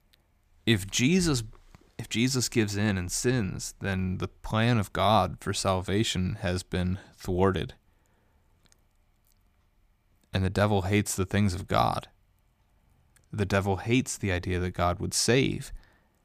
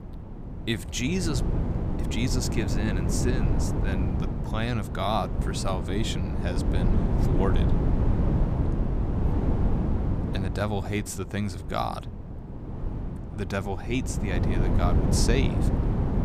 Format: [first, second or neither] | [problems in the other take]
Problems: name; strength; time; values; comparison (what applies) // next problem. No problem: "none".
first | wind noise on the microphone; heavy; 4 dB below the speech